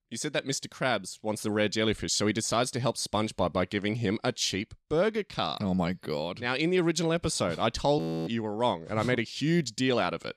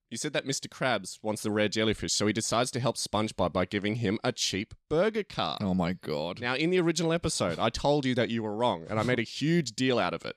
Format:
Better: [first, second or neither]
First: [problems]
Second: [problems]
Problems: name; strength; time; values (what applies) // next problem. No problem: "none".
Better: second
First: audio freezing; at 8 s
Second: none